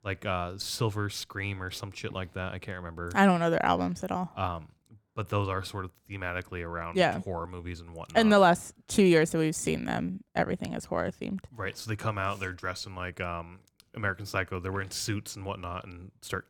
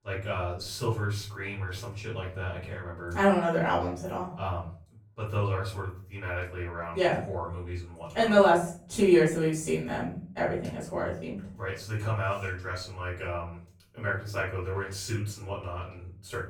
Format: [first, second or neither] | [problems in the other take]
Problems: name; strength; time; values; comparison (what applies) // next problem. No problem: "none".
first | off-mic speech; far // room echo; noticeable; dies away in 0.4 s